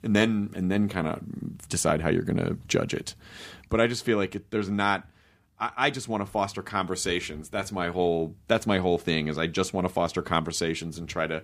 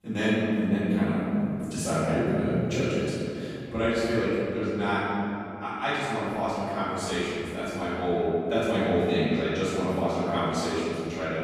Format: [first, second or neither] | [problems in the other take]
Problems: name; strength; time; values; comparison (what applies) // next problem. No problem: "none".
first | off-mic speech; far // room echo; strong; dies away in 2.6 s